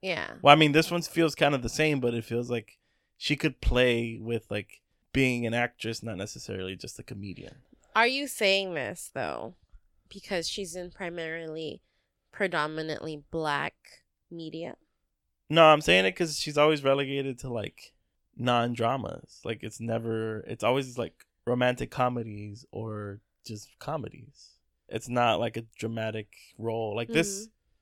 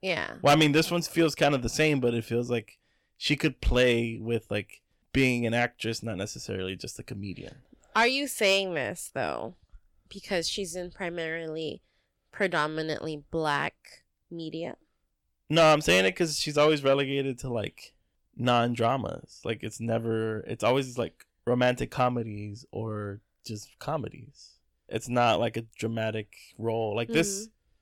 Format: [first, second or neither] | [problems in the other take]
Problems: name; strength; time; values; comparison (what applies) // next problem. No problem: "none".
first | distortion; slight; 10 dB below the speech